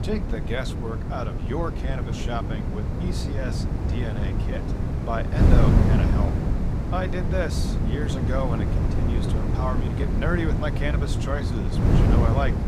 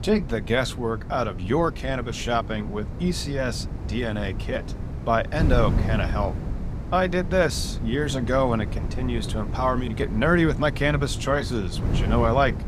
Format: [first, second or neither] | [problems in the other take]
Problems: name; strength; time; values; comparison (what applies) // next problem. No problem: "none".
second | wind noise on the microphone; heavy; 1 dB below the speech; occasional gusts in the second